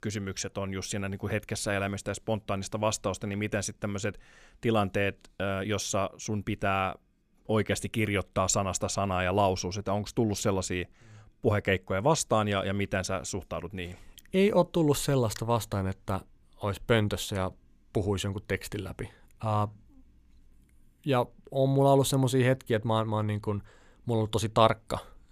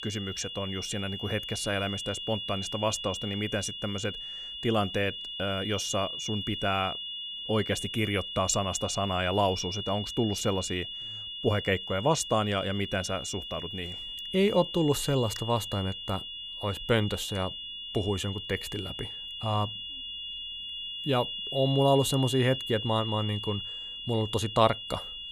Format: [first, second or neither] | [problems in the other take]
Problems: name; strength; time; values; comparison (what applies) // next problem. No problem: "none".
first | high-pitched whine; loud; throughout; 3 kHz, 6 dB below the speech